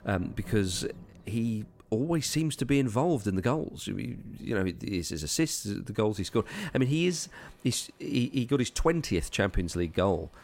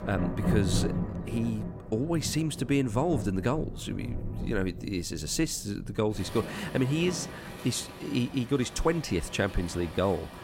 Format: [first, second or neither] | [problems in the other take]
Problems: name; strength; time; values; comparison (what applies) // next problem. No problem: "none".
first | rain or running water; loud; throughout; 7 dB below the speech; faint in the first